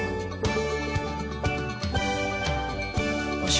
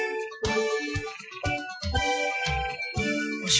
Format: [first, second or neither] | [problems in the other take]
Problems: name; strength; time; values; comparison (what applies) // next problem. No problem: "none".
first | noise reduction (classical method Wiener filter)